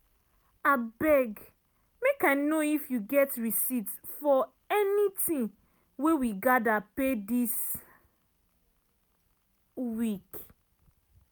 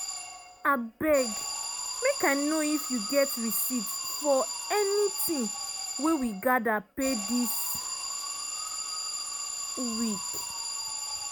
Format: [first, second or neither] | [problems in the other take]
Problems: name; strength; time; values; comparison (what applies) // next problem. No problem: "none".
first | background sound (Alarm); 5 dB below the speech